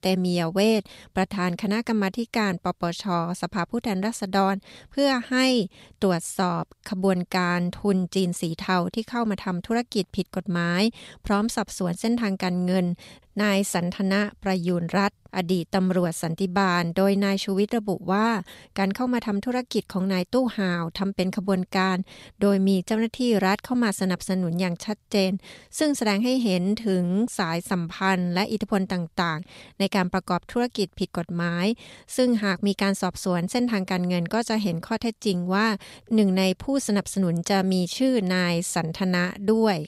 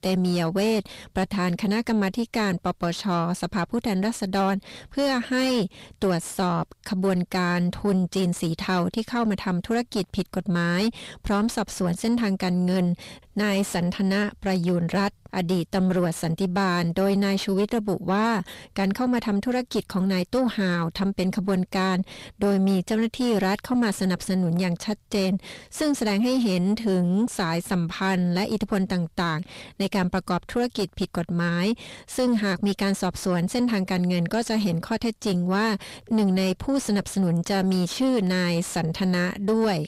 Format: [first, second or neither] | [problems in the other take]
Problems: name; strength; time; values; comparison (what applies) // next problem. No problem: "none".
first | distortion; slight; 9 dB below the speech